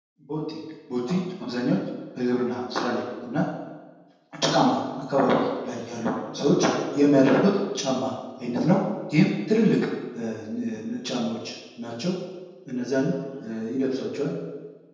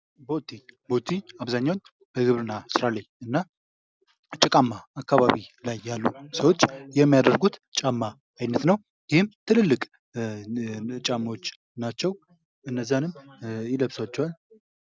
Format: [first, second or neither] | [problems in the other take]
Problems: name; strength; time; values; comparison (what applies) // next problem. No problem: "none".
second | room echo; dies away in 1.1 s